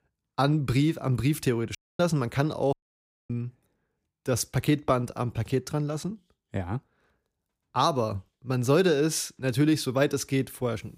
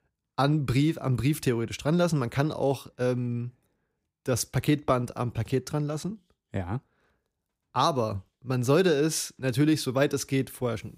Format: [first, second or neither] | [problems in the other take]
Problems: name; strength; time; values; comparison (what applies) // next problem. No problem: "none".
second | audio cutting out; at 2 s and at 2.5 s for 0.5 s